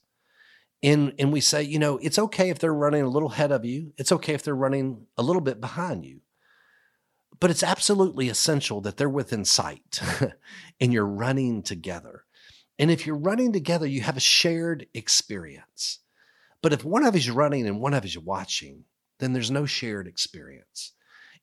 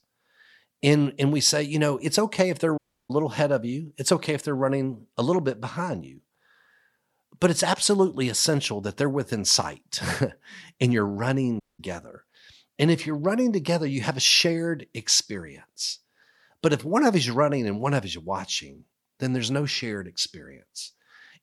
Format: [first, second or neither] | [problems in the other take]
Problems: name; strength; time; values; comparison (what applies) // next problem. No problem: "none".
first | audio cutting out; at 3 s and at 12 s